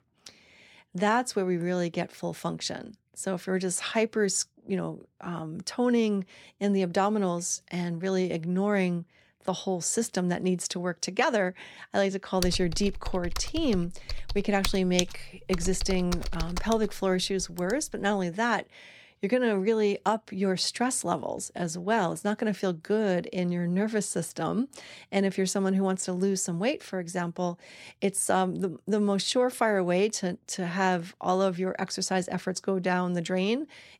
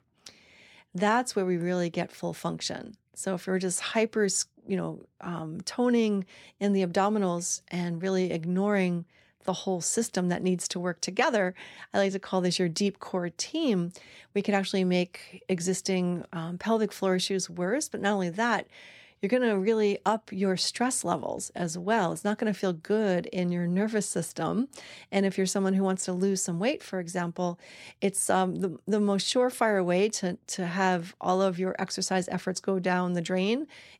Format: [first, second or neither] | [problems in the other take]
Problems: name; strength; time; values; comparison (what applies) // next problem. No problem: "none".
second | keyboard typing; noticeable; from 12 to 18 s; peak 2 dB below the speech